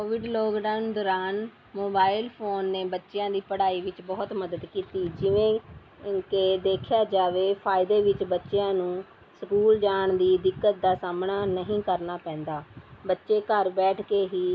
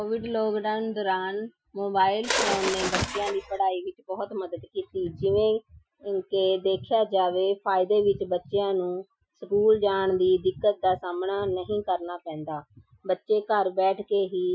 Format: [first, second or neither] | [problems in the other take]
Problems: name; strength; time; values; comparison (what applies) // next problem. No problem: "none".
first | noise reduction (classical method Wiener filter)